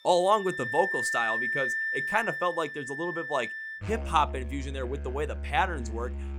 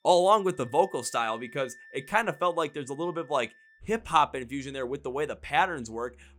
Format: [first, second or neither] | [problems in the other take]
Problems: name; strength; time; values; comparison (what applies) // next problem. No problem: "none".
second | background music; loud; throughout; 3 dB below the speech; faint in the second